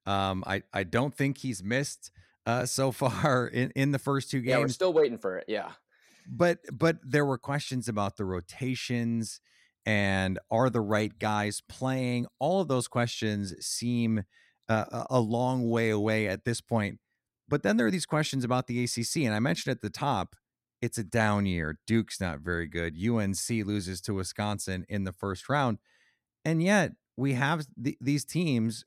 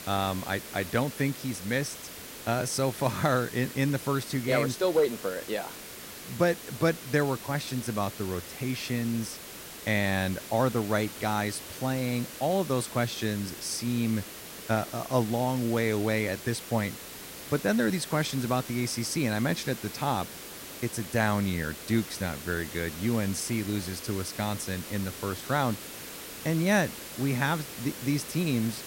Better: first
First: none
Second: hiss; noticeable; throughout; 10 dB below the speech

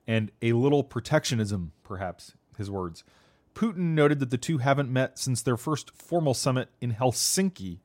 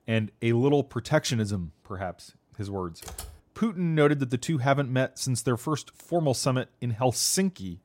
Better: first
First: none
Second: keyboard typing; faint; at 3 s; peak 15 dB below the speech

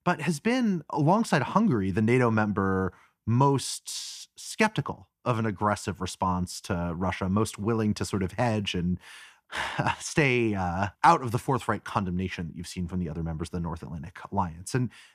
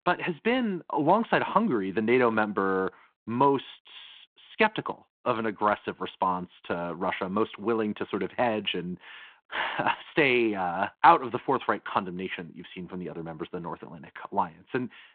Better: first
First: none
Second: phone-call audio

